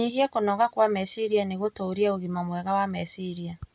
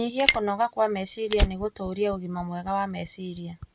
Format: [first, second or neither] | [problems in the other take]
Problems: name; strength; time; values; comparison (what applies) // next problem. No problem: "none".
first | background sound (Fire); 4 dB below the speech